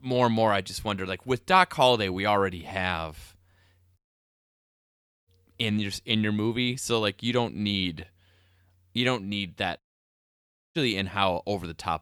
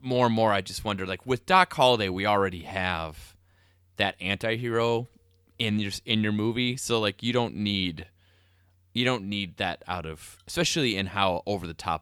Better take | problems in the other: second | audio cutting out; at 4 s for 1.5 s and at 10 s for 1 s

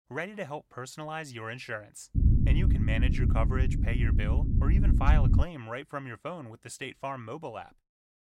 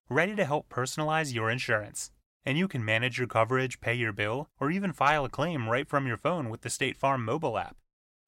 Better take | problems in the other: second | low rumble; loud; from 2 to 5.5 s; 3 dB below the speech

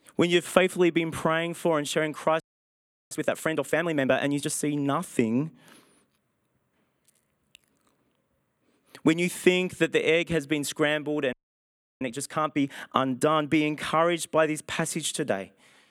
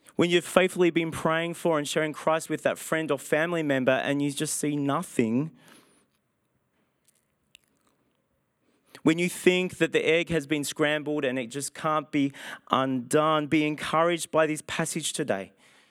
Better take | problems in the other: second | audio freezing; at 2.5 s for 0.5 s and at 11 s for 0.5 s

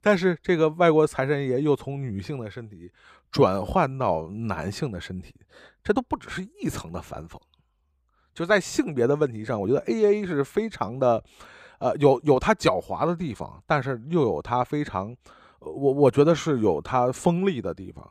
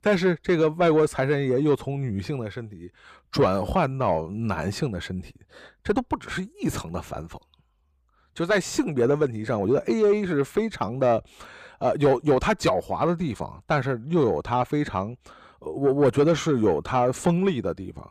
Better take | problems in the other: first | distortion; slight; 10 dB below the speech

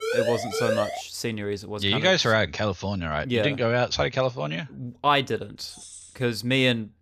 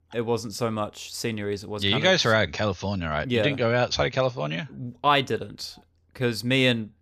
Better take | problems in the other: second | siren; noticeable; until 1 s; peak 1 dB below the speech // jangling keys; faint; at 5.5 s; peak 15 dB below the speech

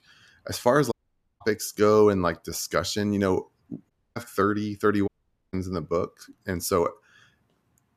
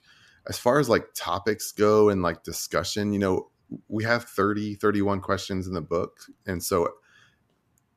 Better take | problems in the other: second | audio cutting out; at 1 s, at 4 s and at 5 s

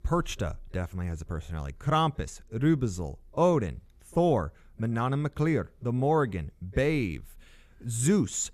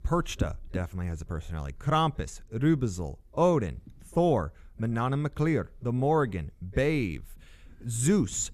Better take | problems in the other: first | low rumble; noticeable; throughout; 20 dB below the speech

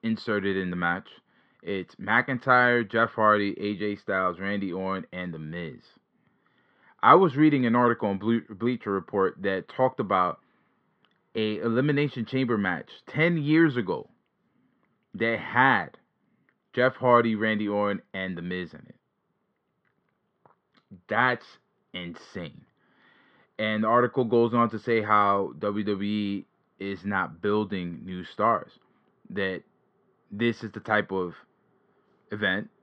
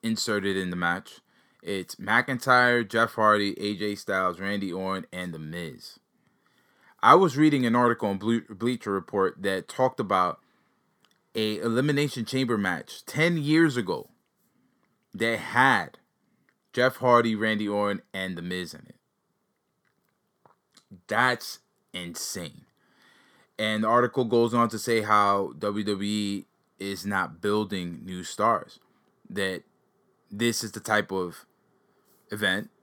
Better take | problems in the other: second | muffled; slightly; fading above 3 kHz

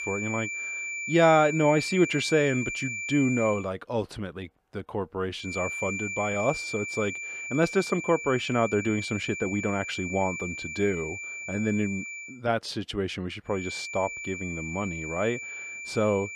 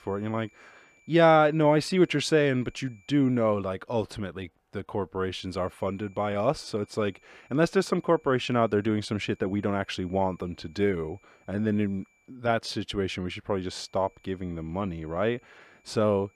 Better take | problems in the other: second | high-pitched whine; loud; until 3.5 s, from 5.5 to 12 s and from 14 s on; 2.5 kHz, 5 dB below the speech; faint in the second

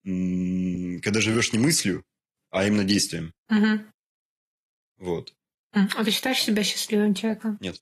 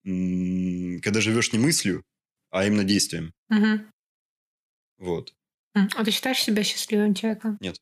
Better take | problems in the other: second | garbled, watery; slightly; nothing above 15 kHz

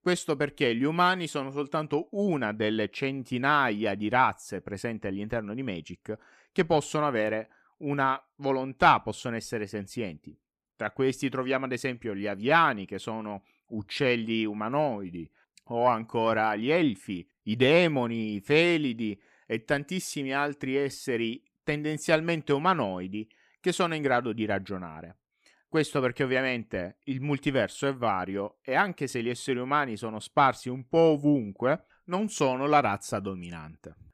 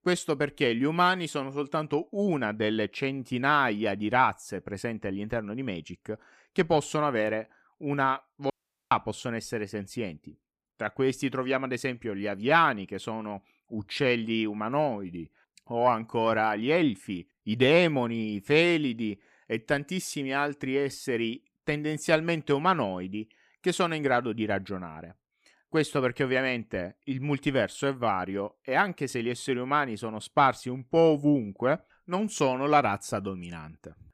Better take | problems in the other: first | audio cutting out; at 8.5 s

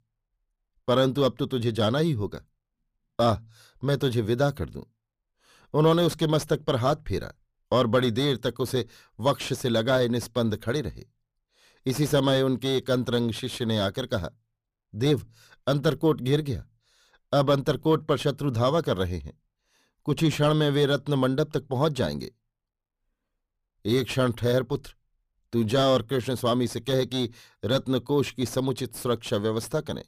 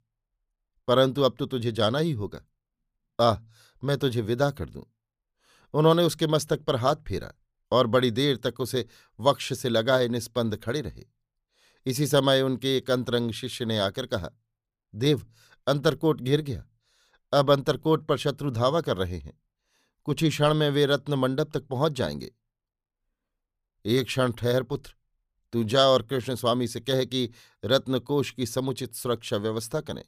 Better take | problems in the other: second | distortion; slight; 10 dB below the speech

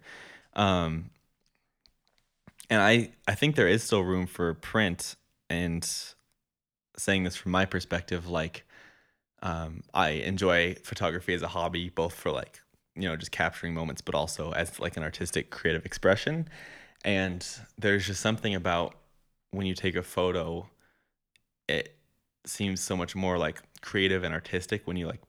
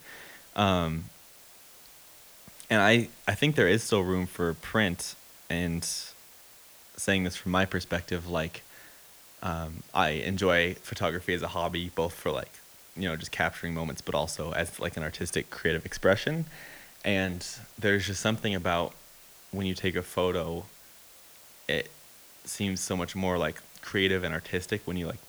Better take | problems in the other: first | hiss; faint; throughout; 20 dB below the speech

